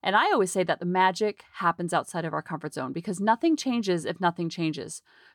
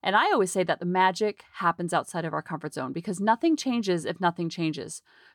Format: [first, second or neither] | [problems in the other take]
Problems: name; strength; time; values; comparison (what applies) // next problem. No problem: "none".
neither | none